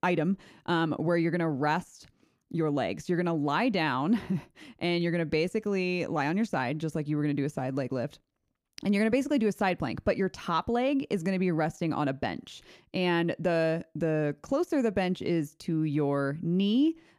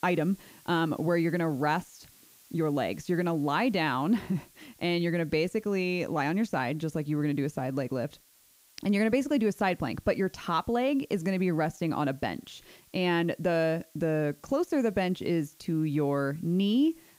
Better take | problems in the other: first | hiss; faint; throughout; 30 dB below the speech

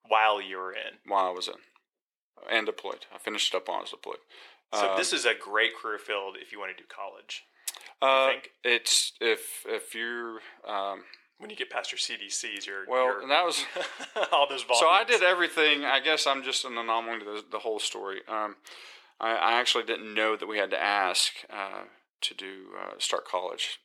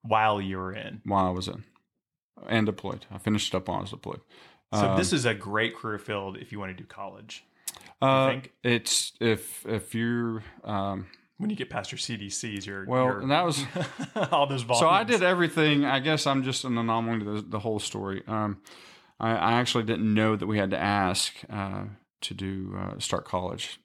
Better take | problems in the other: second | thin; very; fading below 400 Hz

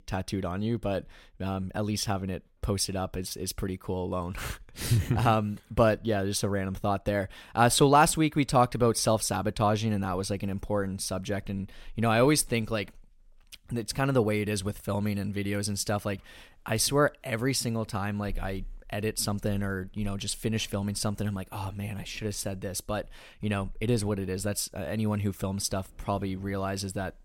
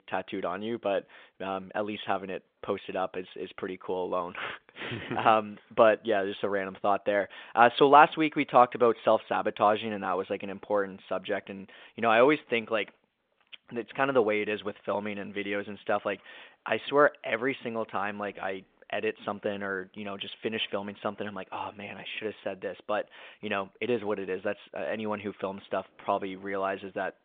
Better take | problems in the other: first | phone-call audio

